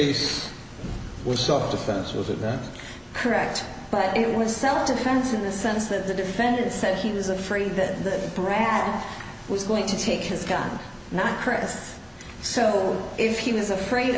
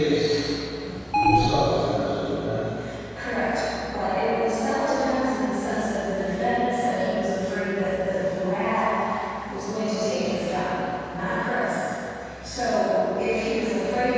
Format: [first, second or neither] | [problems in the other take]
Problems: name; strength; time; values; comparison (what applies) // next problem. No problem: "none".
first | background sound (Alarm); 1 dB above the speech // room echo; dies away in 2.2 s